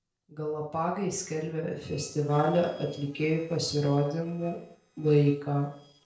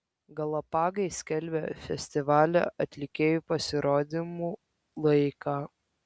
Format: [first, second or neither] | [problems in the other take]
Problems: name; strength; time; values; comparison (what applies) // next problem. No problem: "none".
second | noise reduction (neural separator model SepFormer DNS4)